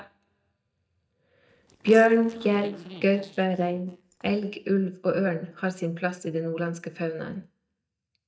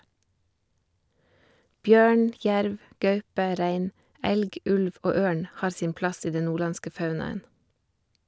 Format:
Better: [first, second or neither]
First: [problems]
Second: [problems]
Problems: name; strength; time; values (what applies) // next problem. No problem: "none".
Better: second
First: noise reduction (neural mask model DeepFilterNet 3)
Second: none